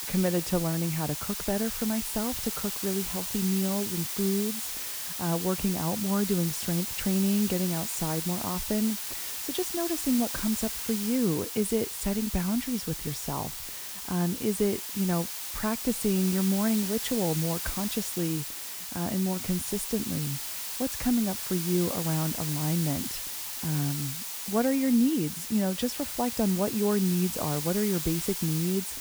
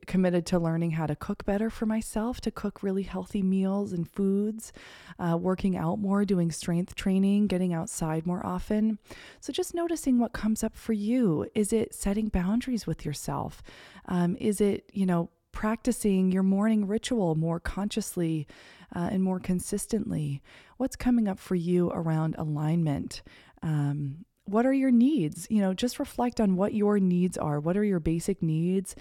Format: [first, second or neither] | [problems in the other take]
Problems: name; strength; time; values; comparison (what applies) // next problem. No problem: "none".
second | hiss; loud; throughout; 3 dB below the speech